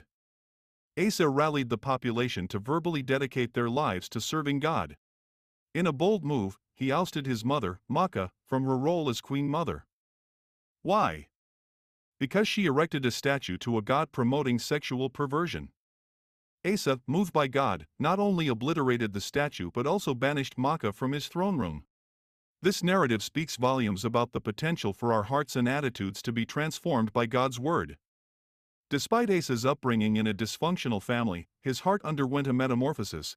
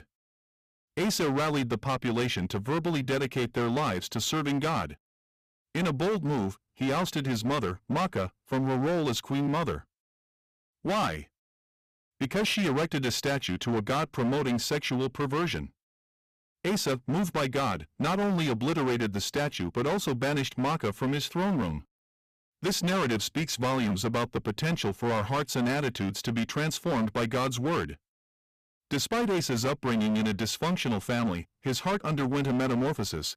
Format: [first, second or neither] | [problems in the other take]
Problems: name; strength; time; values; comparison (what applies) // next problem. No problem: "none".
first | distortion; heavy; 20% of the sound clipped